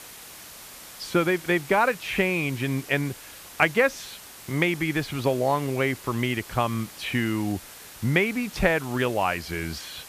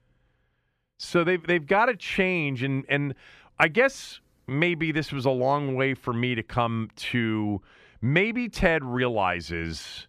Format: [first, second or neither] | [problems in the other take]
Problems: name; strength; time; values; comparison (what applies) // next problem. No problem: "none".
second | hiss; noticeable; throughout; 15 dB below the speech